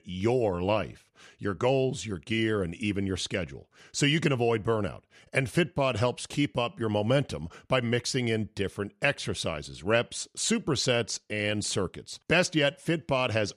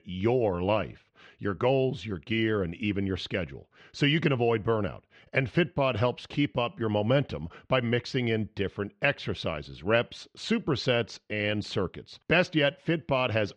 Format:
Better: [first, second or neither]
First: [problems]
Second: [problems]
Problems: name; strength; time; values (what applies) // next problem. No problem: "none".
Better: first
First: none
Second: muffled; slightly; fading above 3.5 kHz